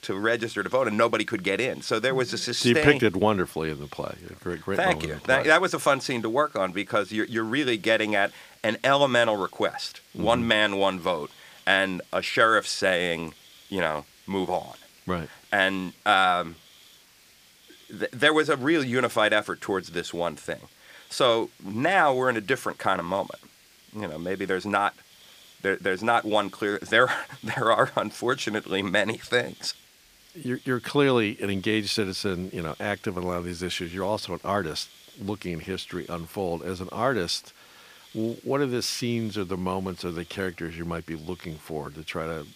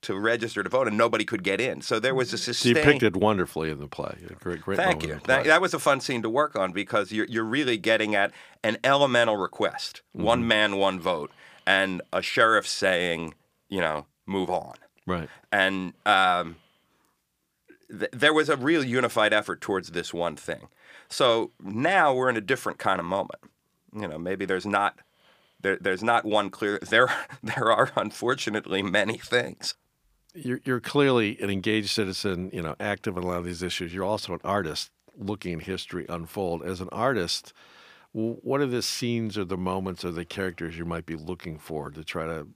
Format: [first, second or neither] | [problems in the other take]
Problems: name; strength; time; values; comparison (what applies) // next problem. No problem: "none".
second | hiss; faint; throughout; 25 dB below the speech